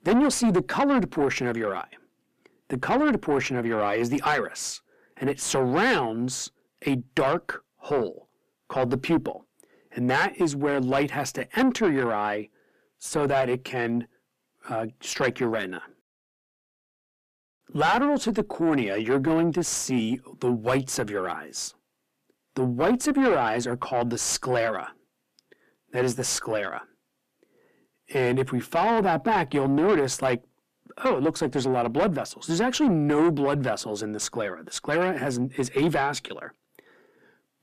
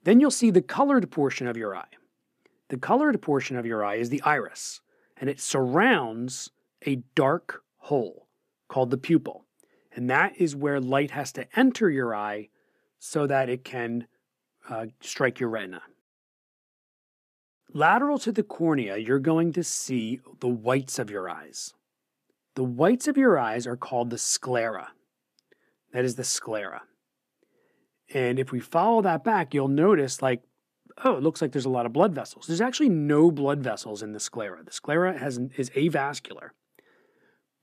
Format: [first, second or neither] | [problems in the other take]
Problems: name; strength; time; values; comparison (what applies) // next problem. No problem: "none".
second | distortion; heavy; 7 dB below the speech